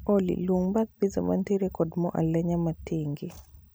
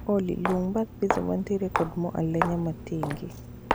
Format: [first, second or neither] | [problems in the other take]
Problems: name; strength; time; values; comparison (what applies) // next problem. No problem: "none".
first | background sound (Walk, footsteps); 4 dB below the speech